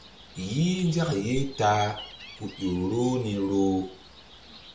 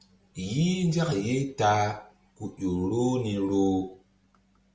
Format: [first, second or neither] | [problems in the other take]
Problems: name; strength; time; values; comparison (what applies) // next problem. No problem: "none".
second | background sound (Gull, seagull); 15 dB below the speech